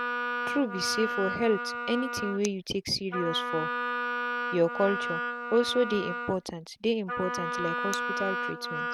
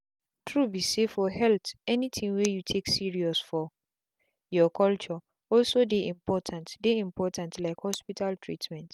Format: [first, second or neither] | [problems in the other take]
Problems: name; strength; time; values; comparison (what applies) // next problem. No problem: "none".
second | background sound (Wind instrument, woodwind instrument); 2 dB below the speech